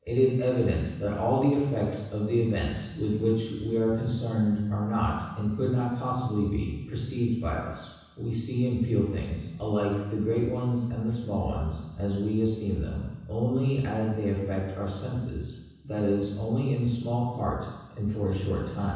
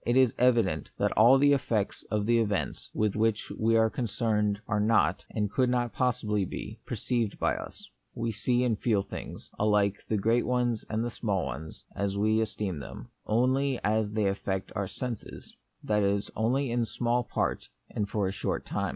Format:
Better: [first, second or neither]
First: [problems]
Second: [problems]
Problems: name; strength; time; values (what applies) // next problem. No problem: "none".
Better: second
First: room echo; dies away in 1.1 s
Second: none